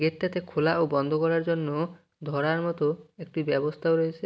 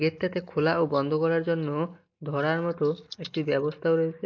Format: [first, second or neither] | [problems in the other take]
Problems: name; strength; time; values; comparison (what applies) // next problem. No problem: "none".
first | noise reduction (neural mask model Resemble Enhance denoiser)